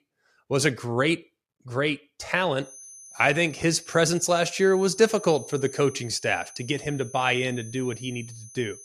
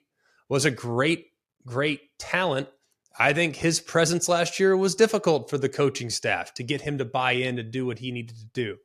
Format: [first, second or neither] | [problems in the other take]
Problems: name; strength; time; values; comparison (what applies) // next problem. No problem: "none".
second | high-pitched whine; noticeable; from 2.5 s on; 6 kHz, 20 dB below the speech